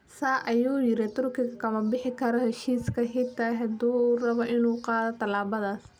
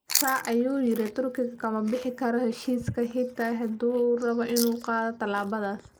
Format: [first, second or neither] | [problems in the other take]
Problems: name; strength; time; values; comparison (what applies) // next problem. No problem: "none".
first | noise reduction (neural mask model Resemble Enhance denoiser)